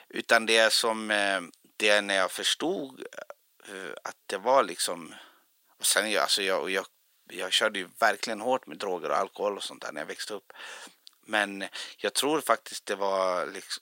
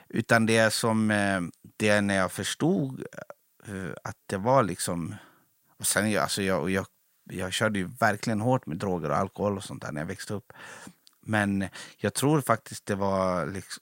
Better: second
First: thin; somewhat; fading below 350 Hz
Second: none

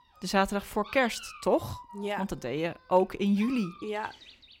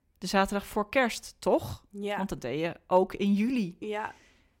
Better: second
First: animal sounds; noticeable; throughout; 20 dB below the speech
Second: none

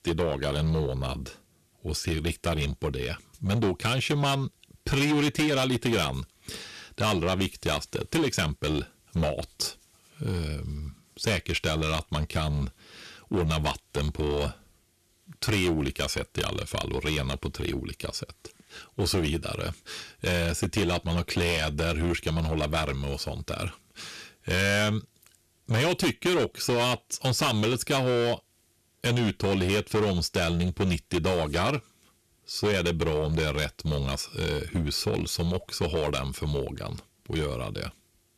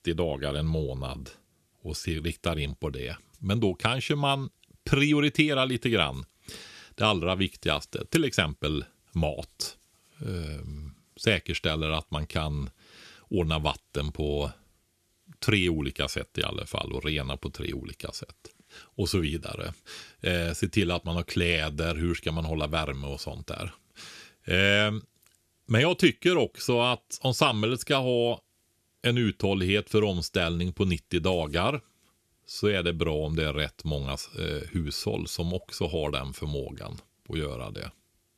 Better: second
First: distortion; heavy; 10% of the sound clipped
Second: none

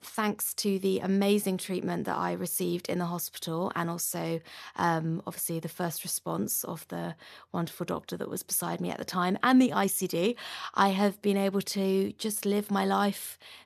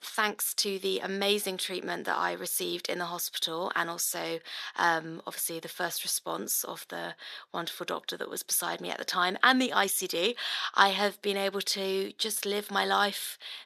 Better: first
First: none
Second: thin; somewhat; fading below 350 Hz

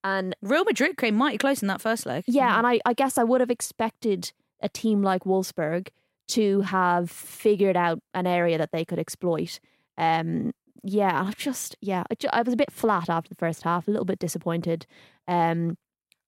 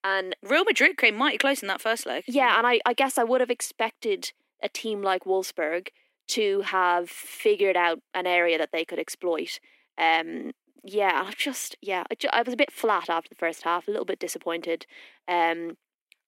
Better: first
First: none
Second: thin; somewhat; fading below 300 Hz

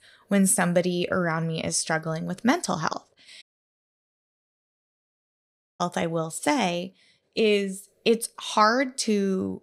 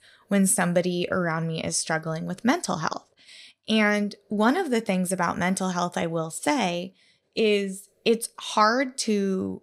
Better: second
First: audio cutting out; at 3.5 s for 2.5 s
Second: none

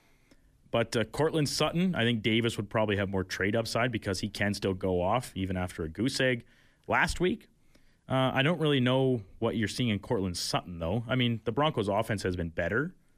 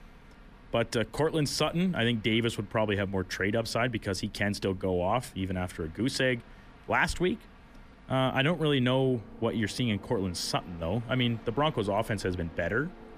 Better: first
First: none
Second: train or aircraft noise; faint; throughout; 20 dB below the speech

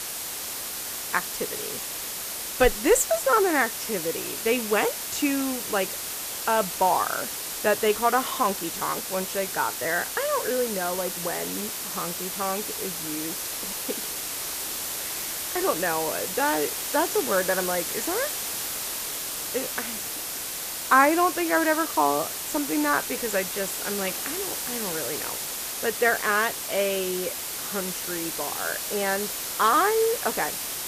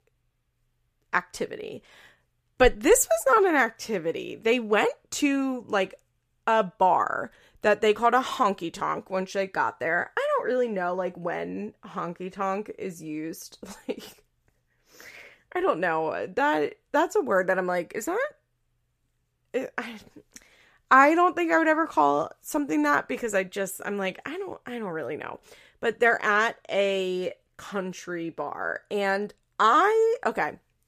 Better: second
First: hiss; loud; throughout; 3 dB below the speech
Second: none

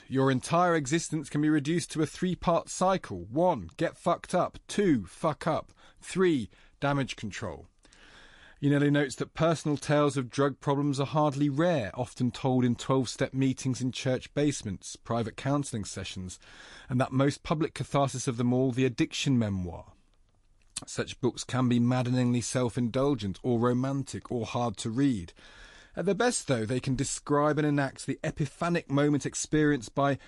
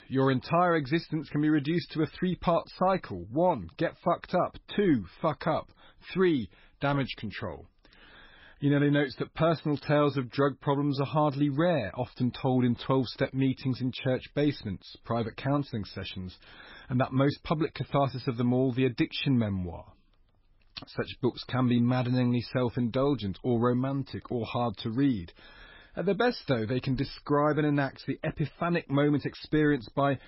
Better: first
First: garbled, watery; slightly; nothing above 11 kHz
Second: garbled, watery; badly; nothing above 5.5 kHz

